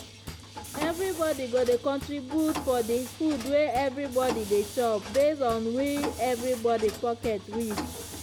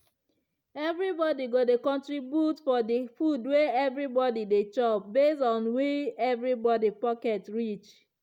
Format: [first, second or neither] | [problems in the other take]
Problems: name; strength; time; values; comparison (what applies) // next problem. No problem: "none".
second | background sound (Mechanisms); 11 dB below the speech